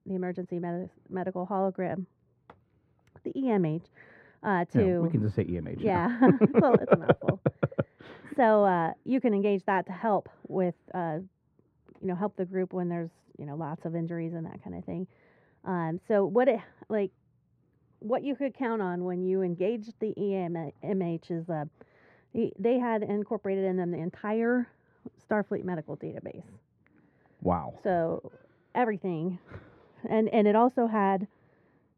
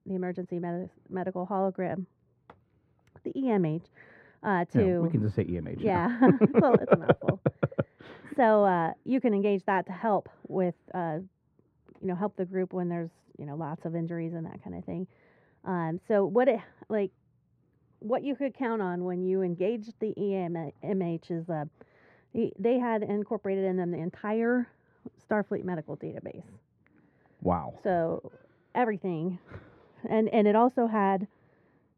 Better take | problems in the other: neither | muffled; very; fading above 3 kHz; the same in both

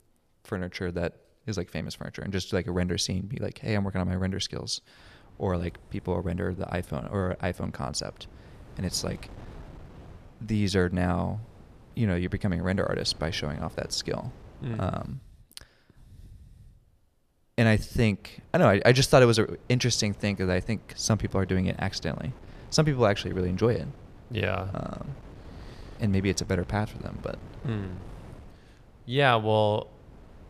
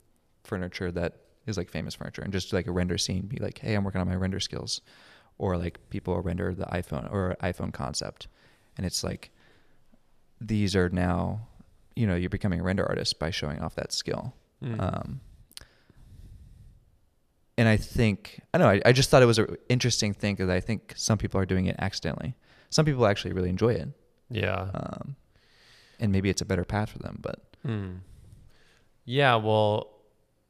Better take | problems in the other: second | wind noise on the microphone; occasional gusts; from 5 to 15 s and from 18 s on; 25 dB below the speech

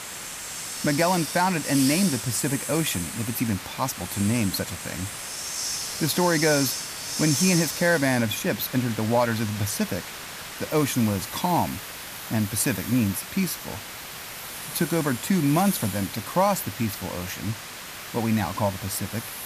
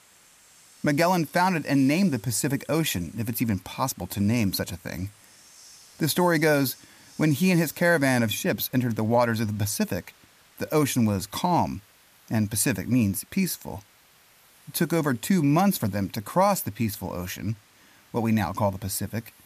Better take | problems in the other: second | hiss; loud; throughout; 6 dB below the speech; faint in the second

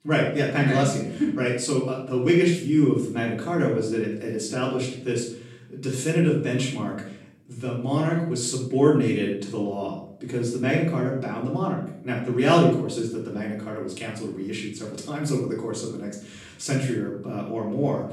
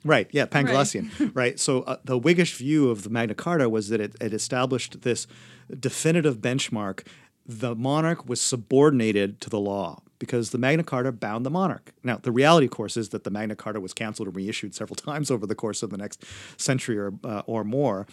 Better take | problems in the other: second | off-mic speech; far // room echo; noticeable; dies away in 0.6 s

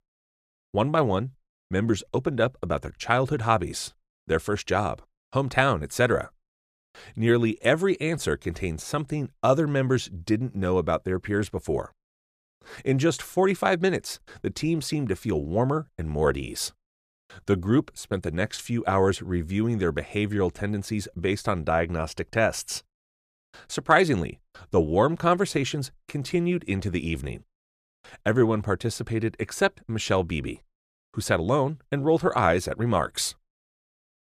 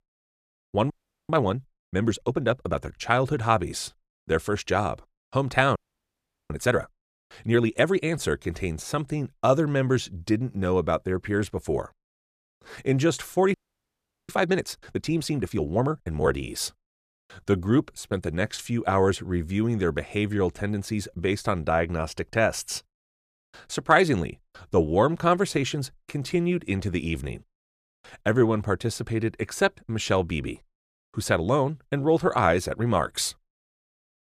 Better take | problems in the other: first | audio freezing; at 1 s, at 6 s for 0.5 s and at 14 s for 1 s

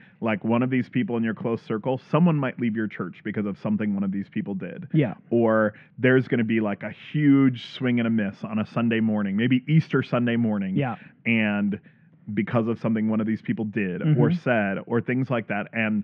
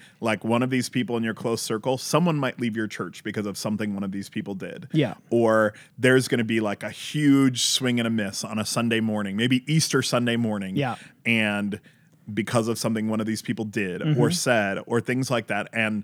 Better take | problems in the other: second | muffled; very; fading above 2.5 kHz

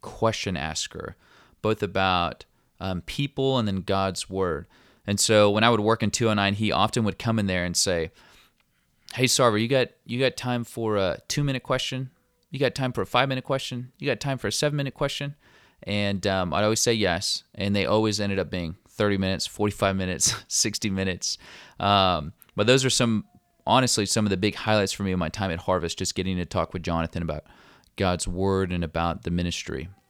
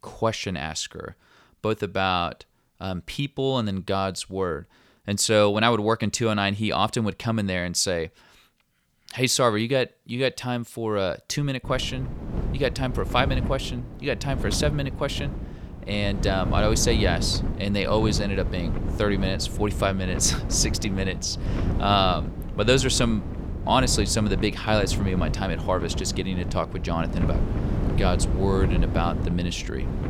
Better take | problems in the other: first | wind noise on the microphone; occasional gusts; from 12 s on; 10 dB below the speech

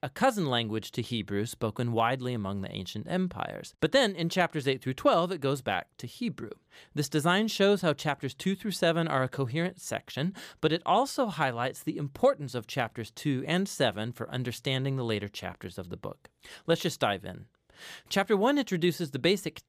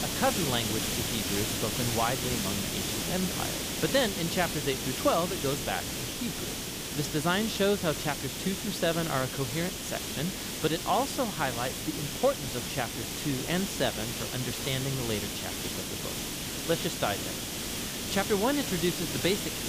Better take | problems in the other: first | hiss; loud; throughout; 1 dB below the speech

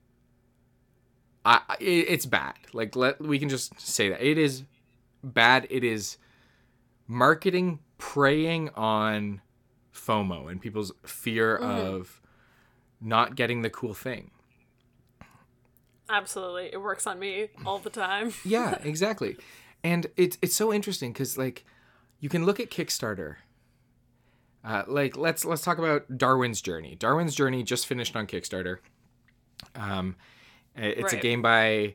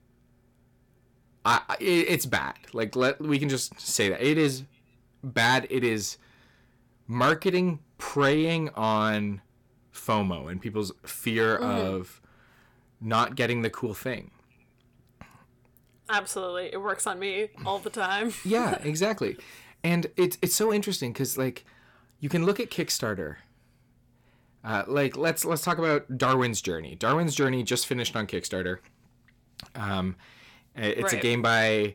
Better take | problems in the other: first | distortion; slight; 10 dB below the speech

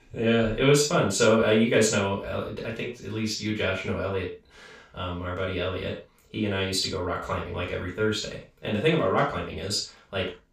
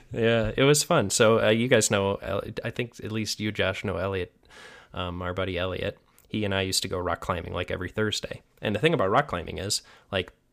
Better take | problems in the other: second | room echo; noticeable; dies away in 0.3 s // off-mic speech; far

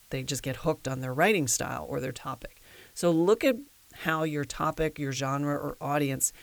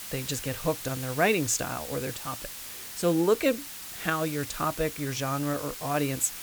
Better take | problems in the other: first | hiss; loud; throughout; 8 dB below the speech; faint in the first

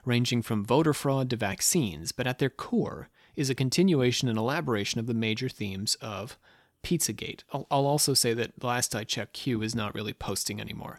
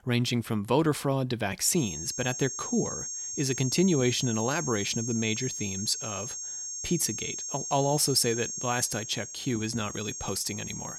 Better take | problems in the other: first | high-pitched whine; loud; from 2 s on; 6.5 kHz, 5 dB below the speech

